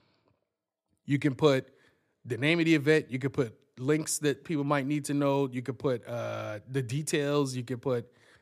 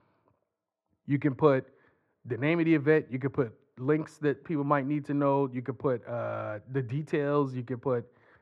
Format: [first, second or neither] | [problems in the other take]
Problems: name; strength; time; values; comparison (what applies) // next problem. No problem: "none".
first | muffled; very; fading above 4 kHz